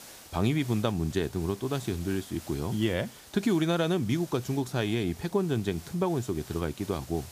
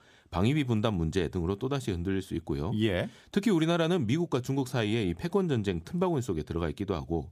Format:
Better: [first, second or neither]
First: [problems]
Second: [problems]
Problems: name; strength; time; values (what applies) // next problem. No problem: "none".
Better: second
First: hiss; noticeable; throughout; 20 dB below the speech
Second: none